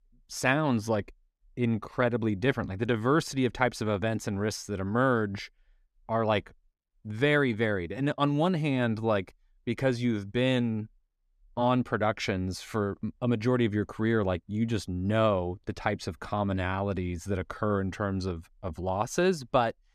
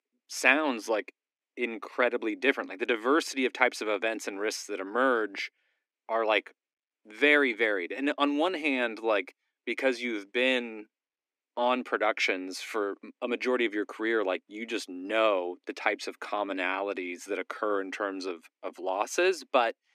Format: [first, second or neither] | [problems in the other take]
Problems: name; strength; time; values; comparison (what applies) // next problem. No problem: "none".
first | thin; somewhat; fading below 250 Hz